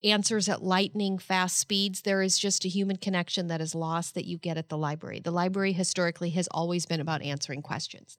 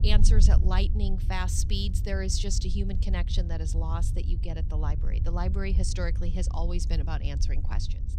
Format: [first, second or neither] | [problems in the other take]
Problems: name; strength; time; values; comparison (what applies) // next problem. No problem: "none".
first | wind noise on the microphone; heavy; 10 dB below the speech